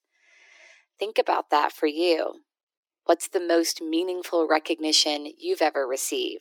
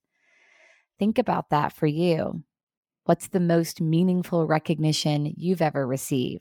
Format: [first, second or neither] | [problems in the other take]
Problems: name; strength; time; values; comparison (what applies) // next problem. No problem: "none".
second | thin; very; fading below 300 Hz